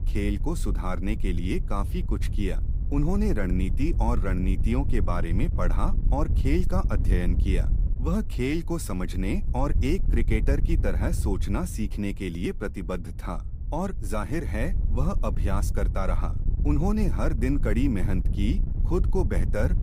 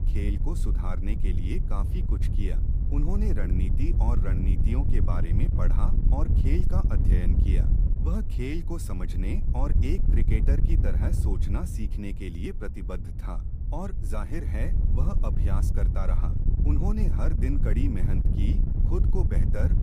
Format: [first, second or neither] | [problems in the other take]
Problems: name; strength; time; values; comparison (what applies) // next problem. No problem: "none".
first | wind noise on the microphone; heavy; 4 dB below the speech; occasional gusts in the first